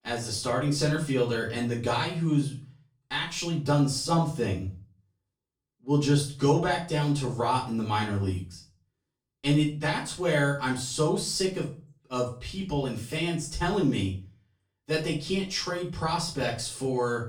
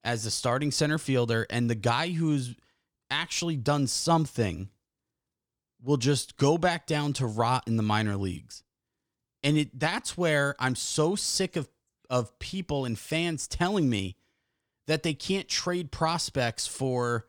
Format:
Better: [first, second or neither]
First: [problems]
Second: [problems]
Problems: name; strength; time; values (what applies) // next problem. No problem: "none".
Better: second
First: room echo; slight; dies away in 0.3 s // off-mic speech; far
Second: none